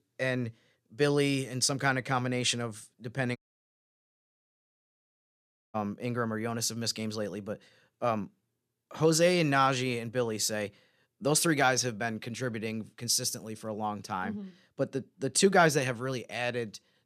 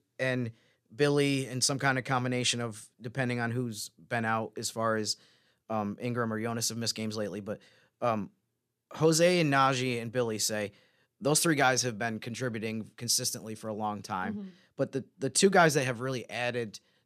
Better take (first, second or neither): second